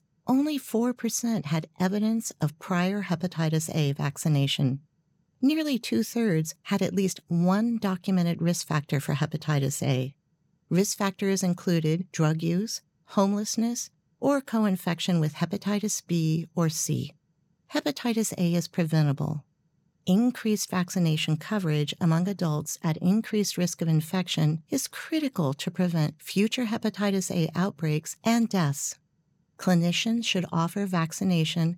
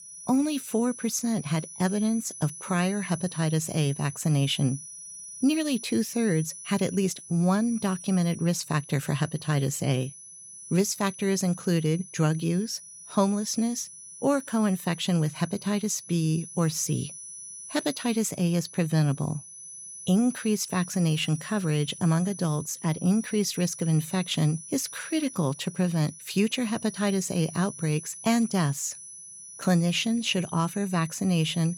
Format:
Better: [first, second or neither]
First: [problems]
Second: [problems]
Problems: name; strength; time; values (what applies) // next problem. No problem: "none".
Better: first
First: none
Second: high-pitched whine; noticeable; throughout; 10 kHz, 15 dB below the speech